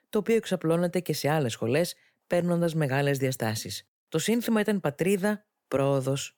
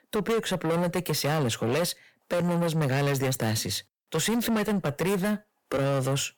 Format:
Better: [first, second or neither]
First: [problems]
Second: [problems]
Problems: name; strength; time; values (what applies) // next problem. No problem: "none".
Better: first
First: none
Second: distortion; heavy; 7 dB below the speech